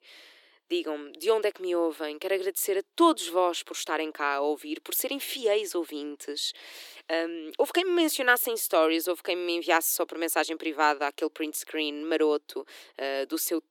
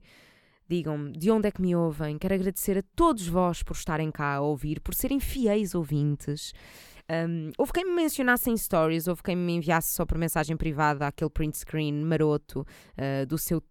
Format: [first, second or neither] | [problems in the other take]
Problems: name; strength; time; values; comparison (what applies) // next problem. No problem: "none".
second | thin; very; fading below 300 Hz